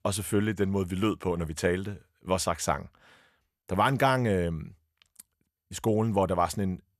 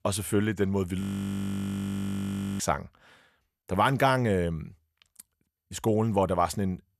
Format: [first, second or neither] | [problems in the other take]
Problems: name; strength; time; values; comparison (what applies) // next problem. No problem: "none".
first | audio freezing; at 1 s for 1.5 s